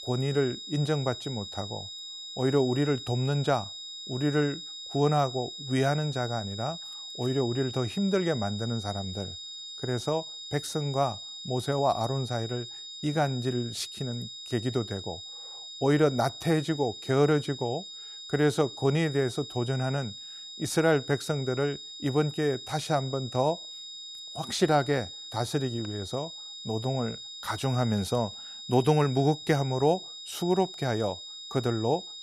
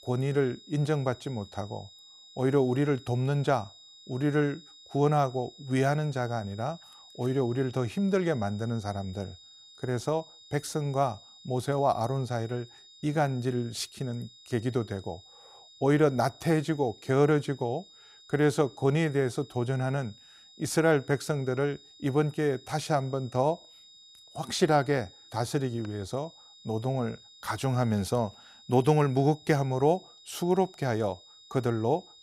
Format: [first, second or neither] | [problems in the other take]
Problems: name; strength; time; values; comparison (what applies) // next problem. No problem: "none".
second | high-pitched whine; loud; throughout; 4 kHz, 10 dB below the speech; faint in the second